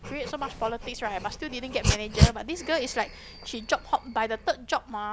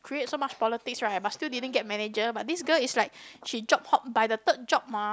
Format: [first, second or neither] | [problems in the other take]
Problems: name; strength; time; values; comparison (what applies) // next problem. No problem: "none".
second | background sound (Dog); as loud as the speech